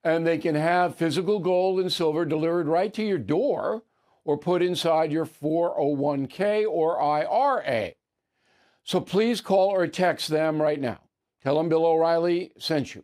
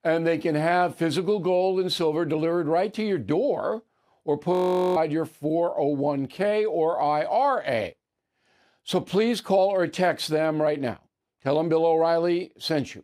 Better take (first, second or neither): first